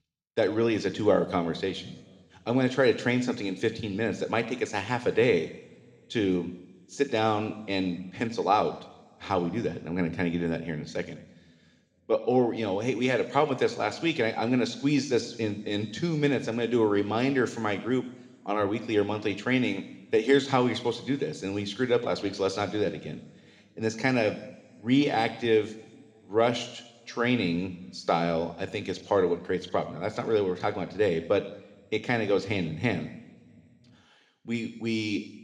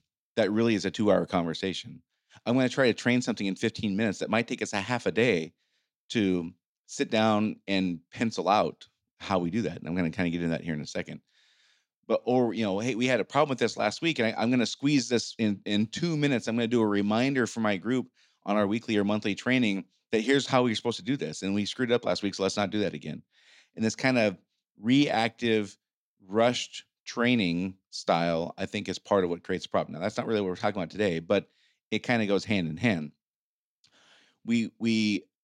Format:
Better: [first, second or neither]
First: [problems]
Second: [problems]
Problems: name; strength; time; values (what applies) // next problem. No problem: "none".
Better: second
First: room echo; slight; dies away in 1.7 s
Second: none